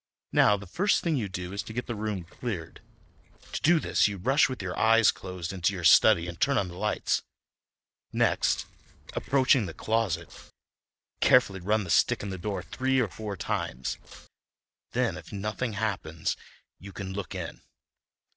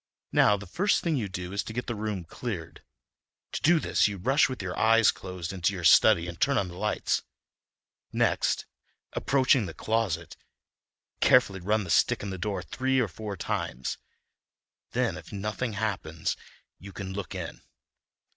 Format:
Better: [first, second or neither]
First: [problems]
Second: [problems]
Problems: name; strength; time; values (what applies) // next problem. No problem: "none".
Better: second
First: noise reduction (neural separator model SepFormer DNS4)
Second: none